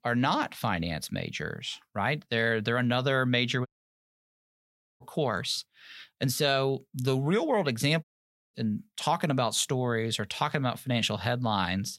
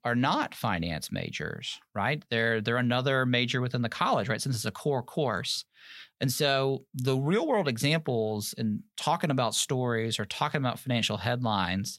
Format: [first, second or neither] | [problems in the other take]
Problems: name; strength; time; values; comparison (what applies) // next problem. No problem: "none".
second | audio cutting out; at 3.5 s for 1.5 s and at 8 s for 0.5 s